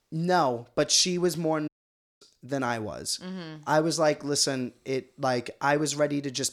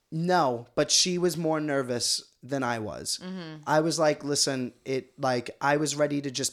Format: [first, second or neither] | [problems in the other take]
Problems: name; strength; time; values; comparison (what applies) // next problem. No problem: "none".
second | audio cutting out; at 1.5 s for 0.5 s